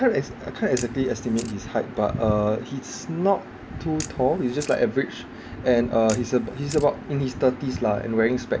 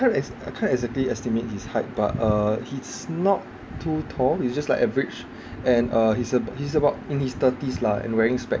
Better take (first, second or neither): second